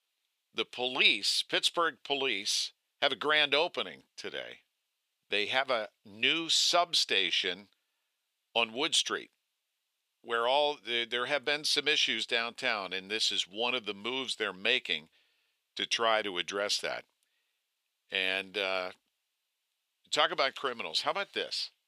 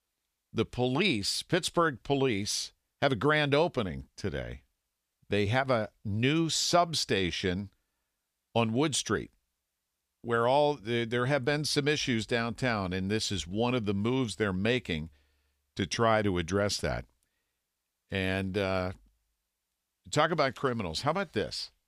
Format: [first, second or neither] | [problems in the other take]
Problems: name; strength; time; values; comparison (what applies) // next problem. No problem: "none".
second | thin; somewhat; fading below 450 Hz